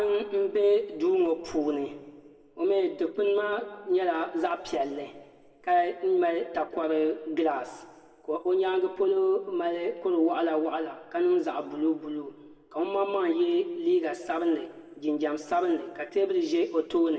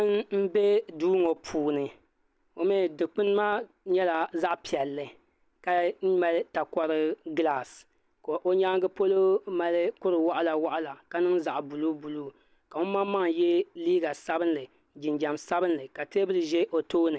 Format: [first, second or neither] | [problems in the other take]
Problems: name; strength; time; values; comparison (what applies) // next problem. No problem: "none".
second | room echo; dies away in 1.2 s